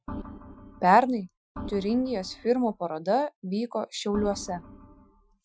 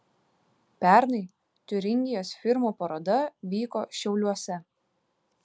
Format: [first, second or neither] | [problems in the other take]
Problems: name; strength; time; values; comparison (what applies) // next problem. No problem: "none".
second | noise reduction (classical method Wiener filter)